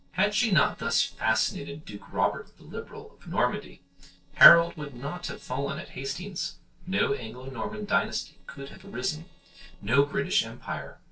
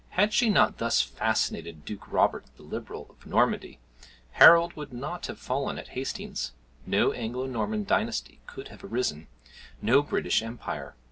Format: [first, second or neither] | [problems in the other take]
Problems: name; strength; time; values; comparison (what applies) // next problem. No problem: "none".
second | noise reduction (neural separator model SepFormer DNS4)